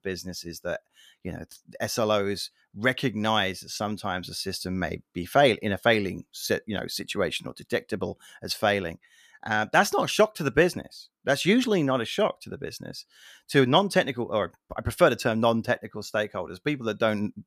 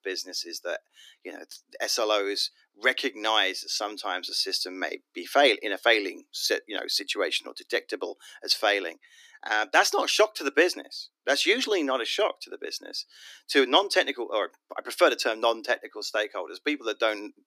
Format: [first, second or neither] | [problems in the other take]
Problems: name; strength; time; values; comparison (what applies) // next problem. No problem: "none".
first | thin; somewhat; fading below 300 Hz